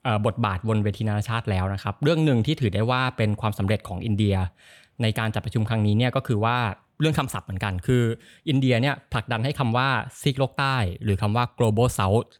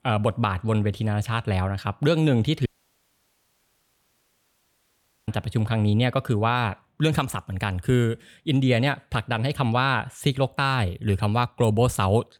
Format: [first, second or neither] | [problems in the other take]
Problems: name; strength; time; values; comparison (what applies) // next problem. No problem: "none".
first | audio cutting out; at 2.5 s for 2.5 s